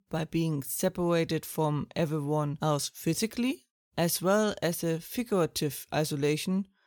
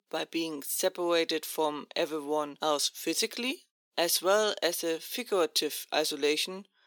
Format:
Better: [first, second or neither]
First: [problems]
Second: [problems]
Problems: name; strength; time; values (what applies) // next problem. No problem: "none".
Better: first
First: none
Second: thin; somewhat; fading below 300 Hz